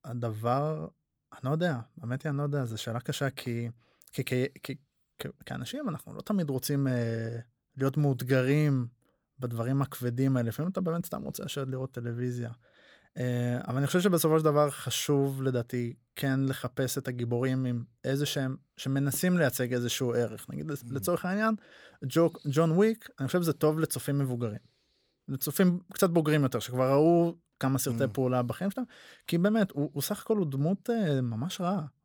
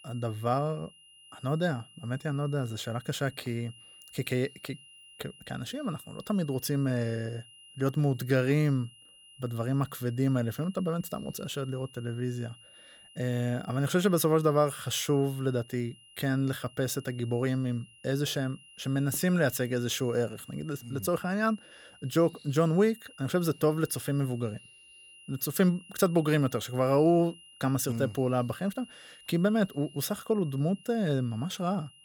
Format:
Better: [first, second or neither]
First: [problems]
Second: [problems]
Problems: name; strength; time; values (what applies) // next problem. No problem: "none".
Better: first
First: none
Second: high-pitched whine; faint; throughout; 3 kHz, 20 dB below the speech